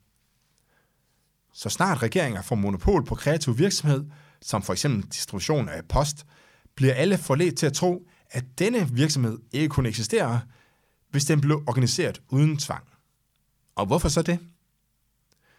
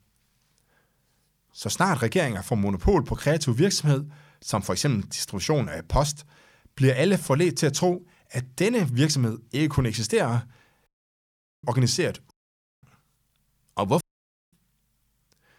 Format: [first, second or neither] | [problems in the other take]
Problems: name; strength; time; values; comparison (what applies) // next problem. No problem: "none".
first | audio cutting out; at 11 s for 1 s, at 12 s for 0.5 s and at 14 s for 0.5 s